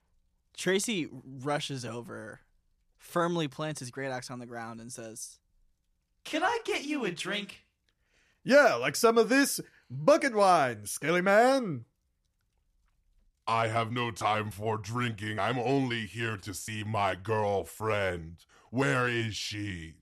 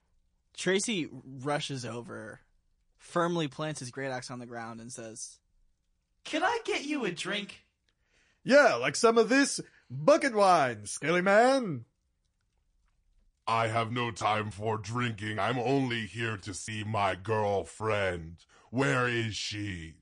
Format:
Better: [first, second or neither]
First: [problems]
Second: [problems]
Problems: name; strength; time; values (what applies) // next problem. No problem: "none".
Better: first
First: none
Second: garbled, watery; slightly